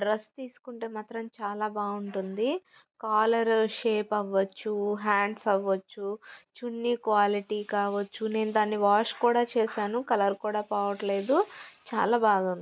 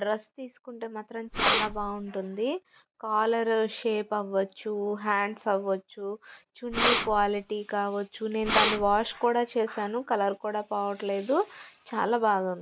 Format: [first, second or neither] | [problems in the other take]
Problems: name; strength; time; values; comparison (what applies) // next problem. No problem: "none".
first | background sound (Breathing); 1 dB below the speech